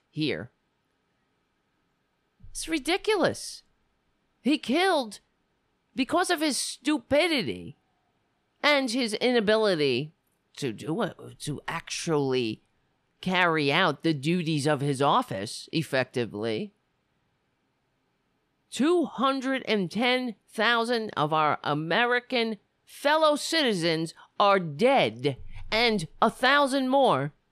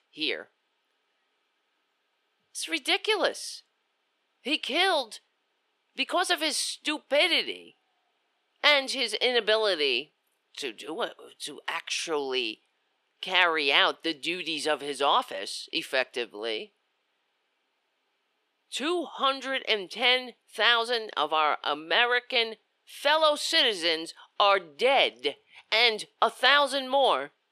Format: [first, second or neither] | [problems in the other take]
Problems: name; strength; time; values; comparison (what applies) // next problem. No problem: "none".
first | thin; somewhat; fading below 400 Hz